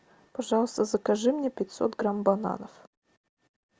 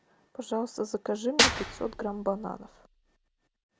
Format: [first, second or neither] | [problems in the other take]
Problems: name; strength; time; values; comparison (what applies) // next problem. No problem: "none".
first | background sound (Clapping / Drum kit); 3 dB above the speech